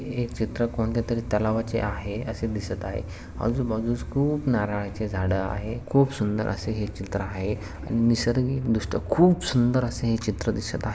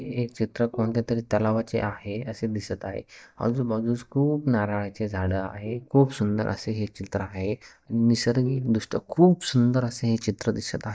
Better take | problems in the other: first | noise reduction (neural mask model DeepFilterNet 3)

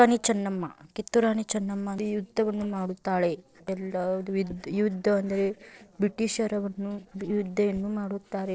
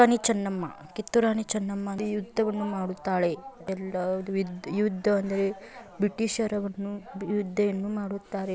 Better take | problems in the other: second | noise reduction (neural separator model SepFormer DNS4)

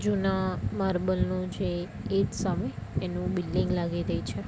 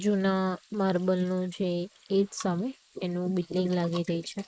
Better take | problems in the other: first | noise reduction (neural mask model Resemble Enhance denoiser)

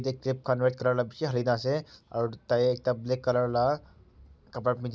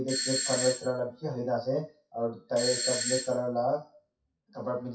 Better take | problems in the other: first | noise reduction (classical method WPE with log-MMSE)

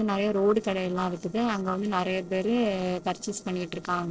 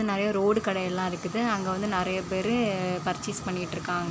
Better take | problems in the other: second | noise reduction (neural separator model SepFormer DNS4)

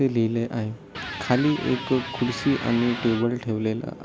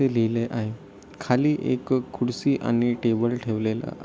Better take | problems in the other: second | background sound (Electric guitar); 11 dB below the speech

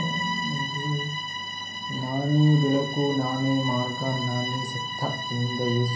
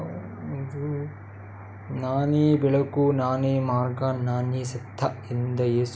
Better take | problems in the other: second | background sound (Bowed string instrument); 6 dB below the speech // room echo; dies away in 0.6 s

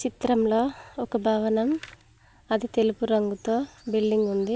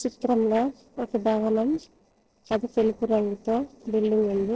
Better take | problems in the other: first | noise reduction (neural separator model SepFormer DNS4)

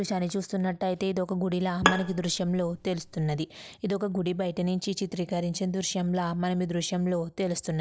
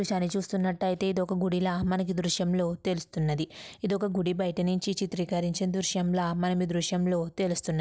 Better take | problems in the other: second | background sound (Bowed string instrument); 4 dB below the speech

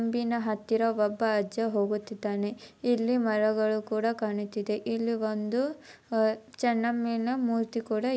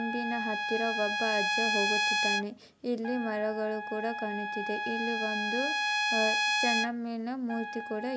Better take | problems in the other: first | background sound (Trumpet); 2 dB above the speech

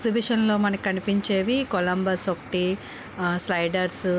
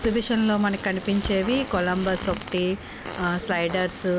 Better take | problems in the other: first | background sound (Bicycle + Fart); 12 dB below the speech

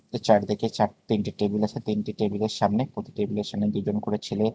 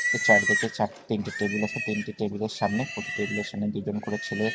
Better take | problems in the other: first | background sound (Livestock, farm animals, working animals); 2 dB below the speech

